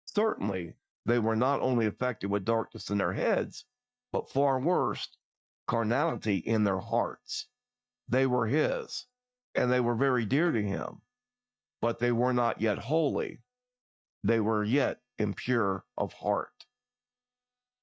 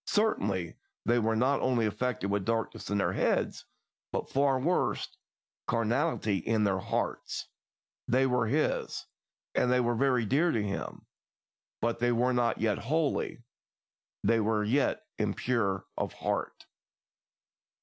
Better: second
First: noise reduction (neural mask model DeepFilterNet 3)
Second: none

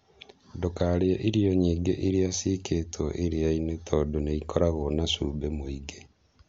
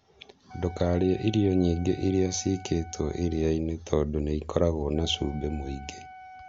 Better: first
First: none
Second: background sound (Wind instrument, woodwind instrument); 20 dB below the speech

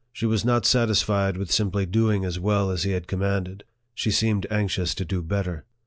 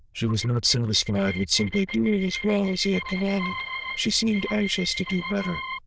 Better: first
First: none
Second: noise reduction (neural diffusion model UNIVERSE++)

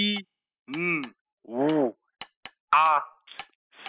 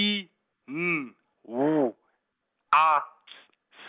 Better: second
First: noise reduction (classical method spectral subtraction)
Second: none

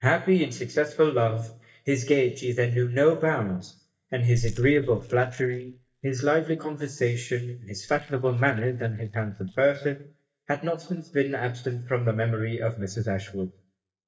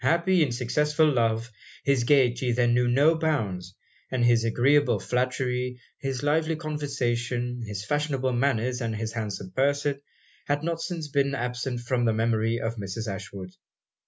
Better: second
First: noise reduction (neural mask model DeepFilterNet 3)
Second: none

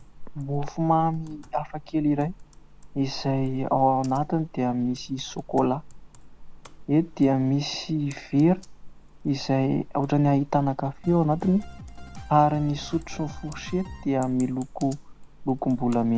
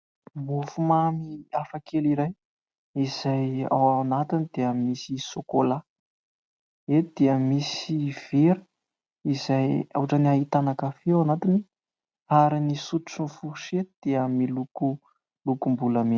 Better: second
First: background sound (Drum kit + Computer keyboard); 15 dB below the speech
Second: none

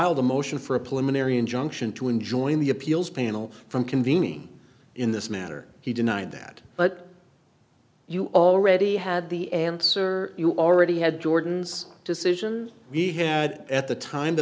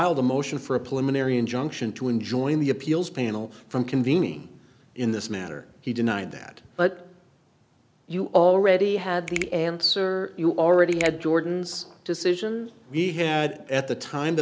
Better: first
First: none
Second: background sound (Finger snapping); 15 dB below the speech

